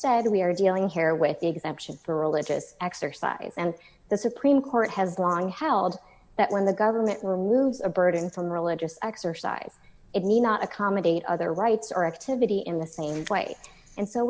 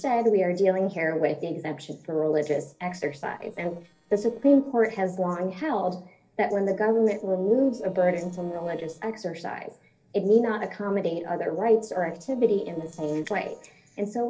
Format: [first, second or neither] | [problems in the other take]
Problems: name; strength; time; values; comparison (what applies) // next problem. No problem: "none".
first | noise reduction (neural separator model SepFormer DNS4)